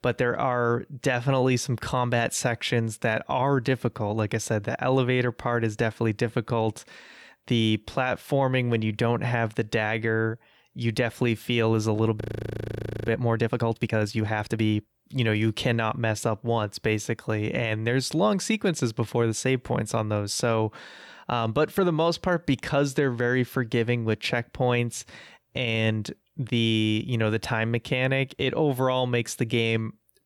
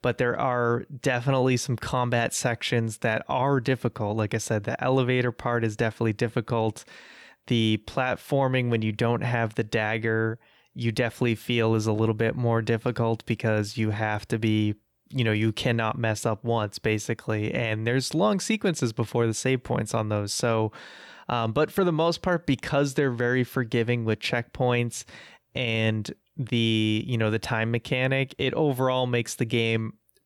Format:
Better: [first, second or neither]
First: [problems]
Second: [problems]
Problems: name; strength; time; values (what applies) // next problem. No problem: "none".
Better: second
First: audio freezing; at 12 s for 1 s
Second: none